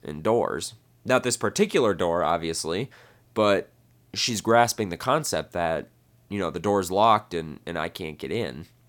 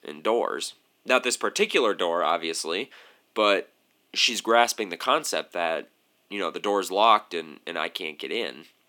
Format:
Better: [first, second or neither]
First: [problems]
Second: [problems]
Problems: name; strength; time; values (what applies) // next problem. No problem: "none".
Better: first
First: none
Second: thin; very slightly; fading below 250 Hz